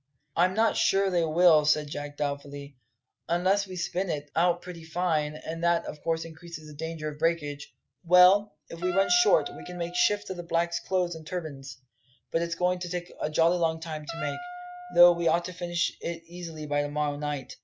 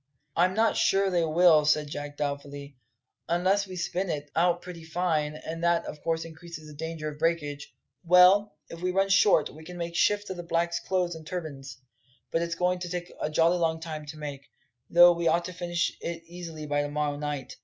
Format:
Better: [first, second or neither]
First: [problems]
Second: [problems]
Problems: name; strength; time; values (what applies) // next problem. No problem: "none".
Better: second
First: background sound (Wind instrument, woodwind instrument); 13 dB below the speech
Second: none